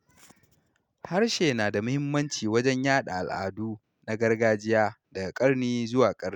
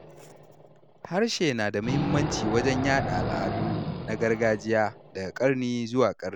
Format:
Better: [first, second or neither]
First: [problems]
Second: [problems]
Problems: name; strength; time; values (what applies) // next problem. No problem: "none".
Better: first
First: none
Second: background sound (Wild animals); 6 dB below the speech